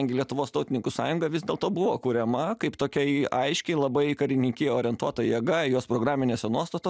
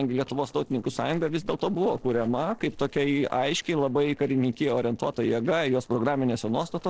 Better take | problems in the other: first | noise reduction (neural separator model SepFormer DNS4)

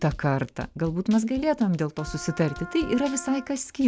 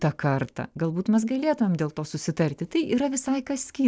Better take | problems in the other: second | background sound (Drum kit + Wind instrument, woodwind instrument); 16 dB below the speech

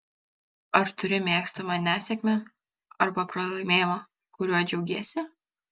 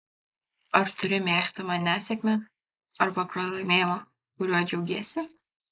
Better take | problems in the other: first | noise reduction (neural mask model Resemble Enhance denoiser)

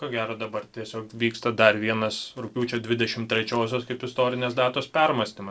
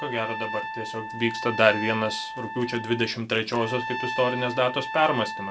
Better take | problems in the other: first | background sound (Trumpet); 7 dB below the speech

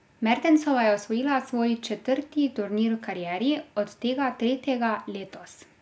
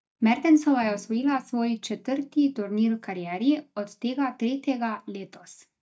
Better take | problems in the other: first | noise reduction (neural mask model DeepFilterNet 3)

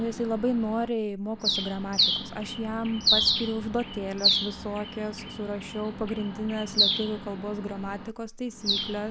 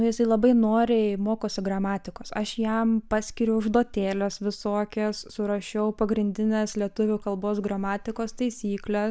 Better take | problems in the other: second | background sound (Bird); 1 dB above the speech

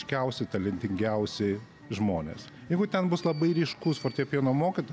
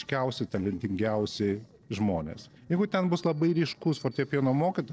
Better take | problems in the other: first | noise reduction (neural separator model SepFormer DNS4)

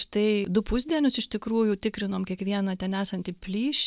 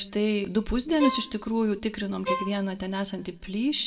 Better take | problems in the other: first | background sound (Bowed string instrument); 6 dB below the speech // room echo; dies away in 0.7 s

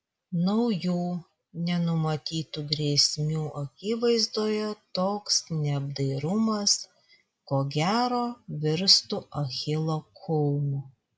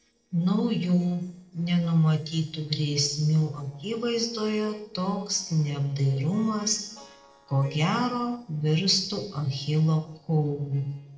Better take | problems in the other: first | noise reduction (neural separator model SepFormer DNS4)

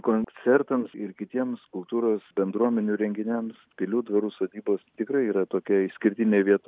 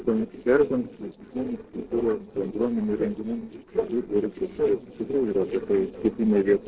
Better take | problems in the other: first | noise reduction (neural separator model SepFormer DNS4)

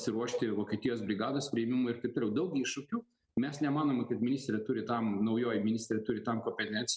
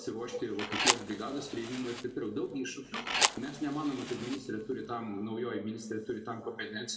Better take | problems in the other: first | background sound (Fire); 1 dB above the speech // room echo; dies away in 2 s

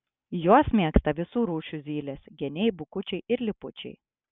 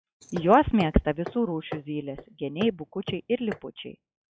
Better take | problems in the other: first | noise reduction (classical method log-MMSE)

